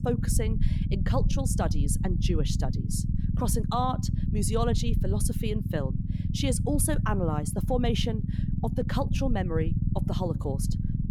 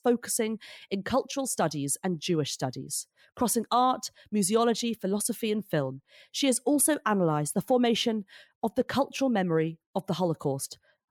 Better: second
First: low rumble; loud; throughout; 8 dB below the speech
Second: none

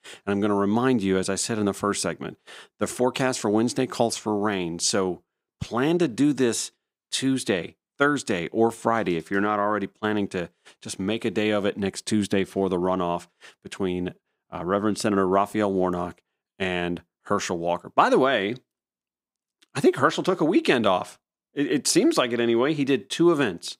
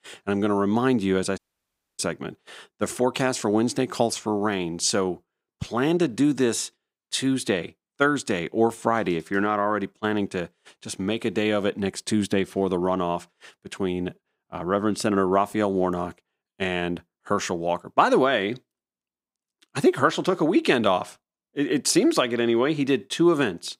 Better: first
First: none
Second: audio cutting out; at 1.5 s for 0.5 s

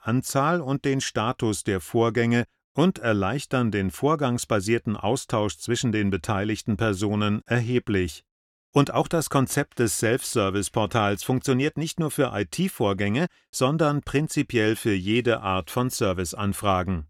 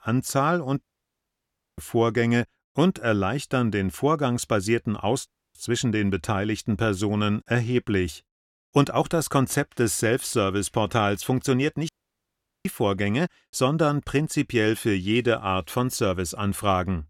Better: first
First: none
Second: audio cutting out; at 1 s for 1 s, at 5.5 s and at 12 s for 1 s

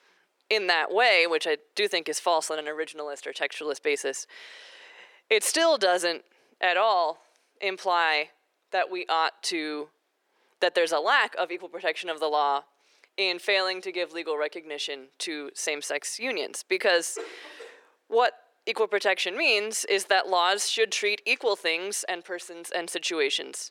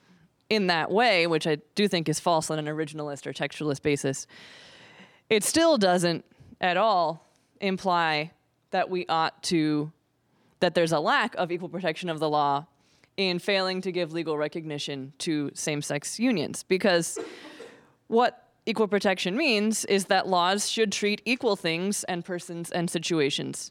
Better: second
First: thin; very; fading below 400 Hz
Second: none

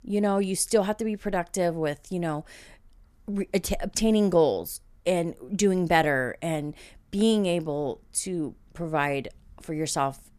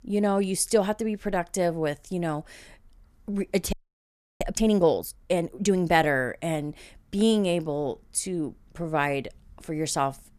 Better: first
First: none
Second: audio freezing; at 3.5 s for 0.5 s

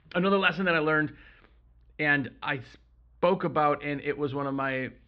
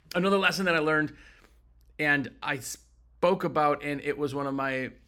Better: second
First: muffled; slightly; fading above 3.5 kHz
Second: none

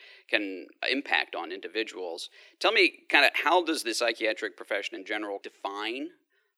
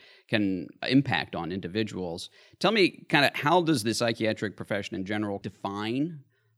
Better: second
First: thin; somewhat; fading below 350 Hz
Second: none

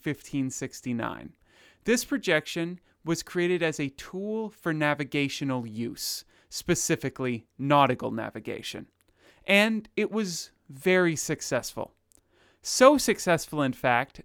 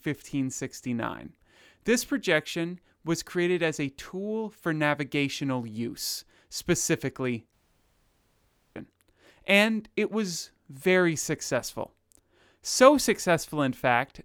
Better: first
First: none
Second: audio cutting out; at 7.5 s for 1 s

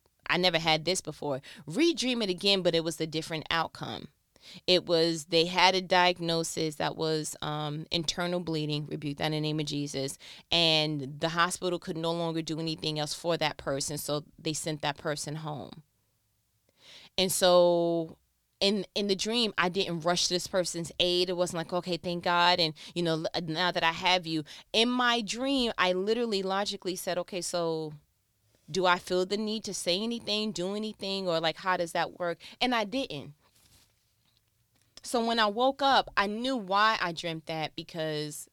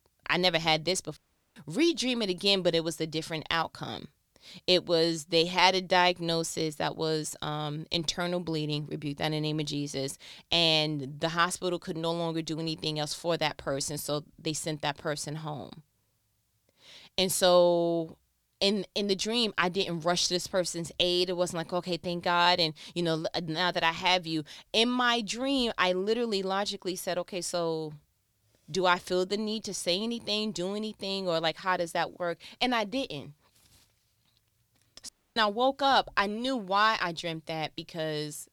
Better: first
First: none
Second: audio cutting out; at 1 s and at 35 s

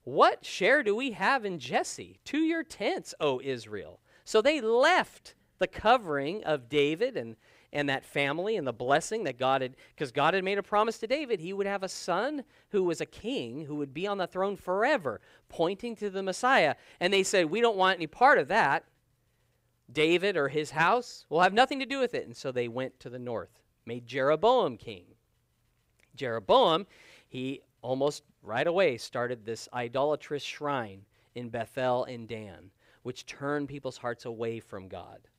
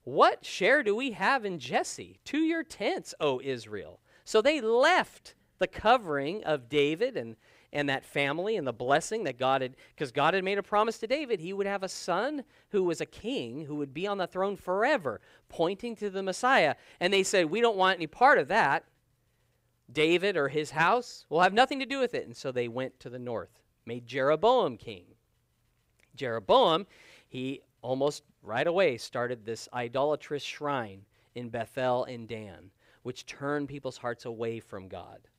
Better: neither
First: none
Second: none

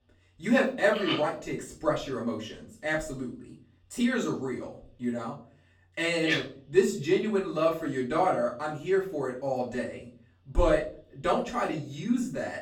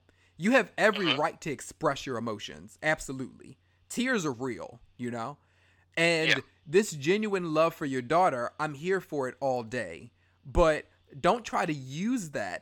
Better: second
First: off-mic speech; far // room echo; slight; dies away in 0.4 s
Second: none

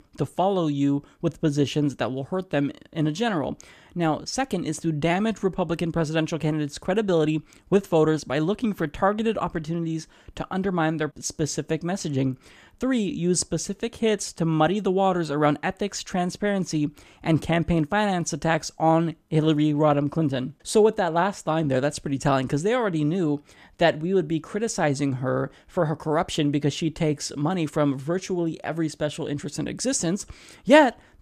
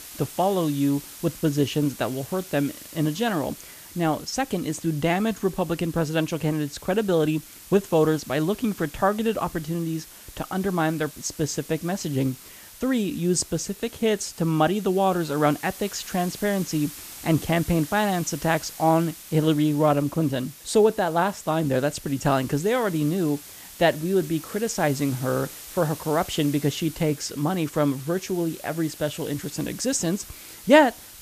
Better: first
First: none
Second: hiss; noticeable; throughout; 15 dB below the speech

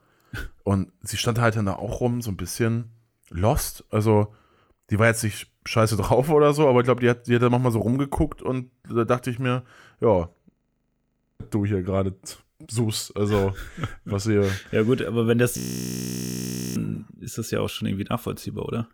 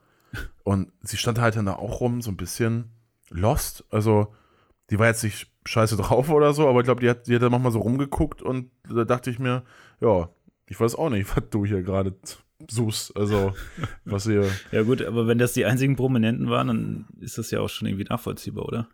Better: second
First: audio freezing; at 11 s for 1 s and at 16 s for 1 s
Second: none

